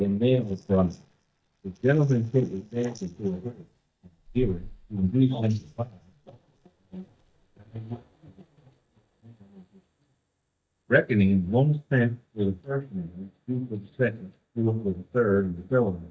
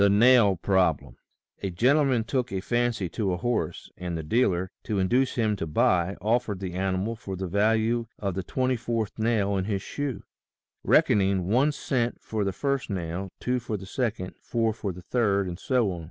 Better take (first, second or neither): second